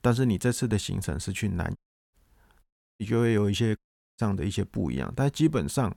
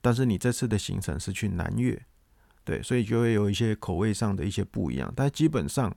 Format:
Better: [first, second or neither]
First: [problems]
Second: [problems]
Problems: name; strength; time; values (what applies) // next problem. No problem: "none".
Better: second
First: audio cutting out; at 2 s, at 2.5 s and at 4 s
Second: none